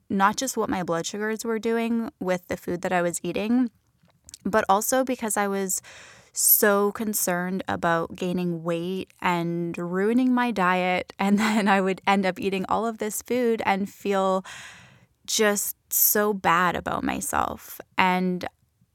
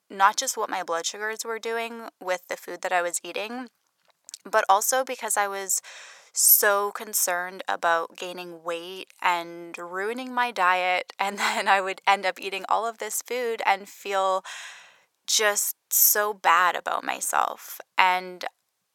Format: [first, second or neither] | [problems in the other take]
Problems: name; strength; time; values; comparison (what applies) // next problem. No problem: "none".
first | thin; very; fading below 700 Hz